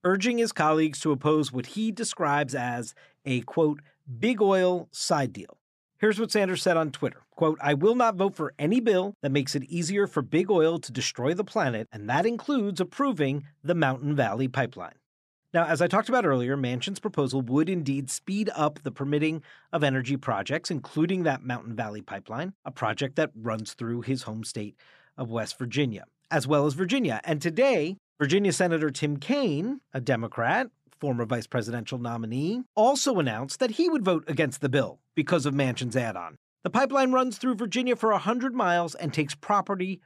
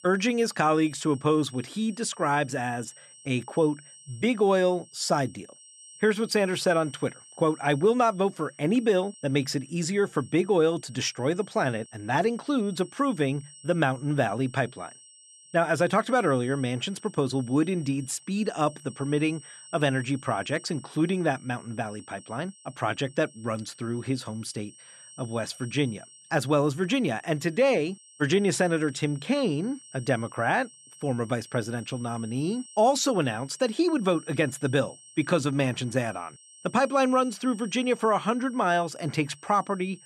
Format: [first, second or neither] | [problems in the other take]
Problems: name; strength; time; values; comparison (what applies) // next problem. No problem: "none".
first | high-pitched whine; faint; throughout; 8 kHz, 20 dB below the speech